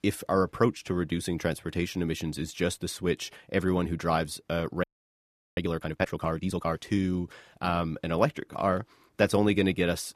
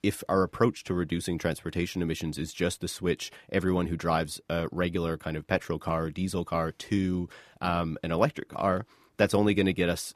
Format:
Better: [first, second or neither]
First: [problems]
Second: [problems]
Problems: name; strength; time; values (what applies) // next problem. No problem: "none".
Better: second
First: audio freezing; at 5 s for 0.5 s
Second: none